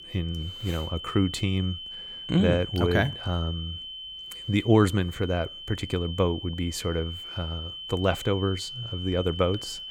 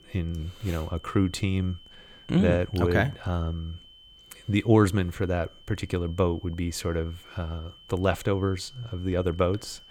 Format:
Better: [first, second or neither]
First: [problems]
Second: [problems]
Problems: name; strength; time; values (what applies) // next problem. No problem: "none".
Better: second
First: high-pitched whine; loud; throughout; 3 kHz, 9 dB below the speech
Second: high-pitched whine; faint; throughout; 3 kHz, 25 dB below the speech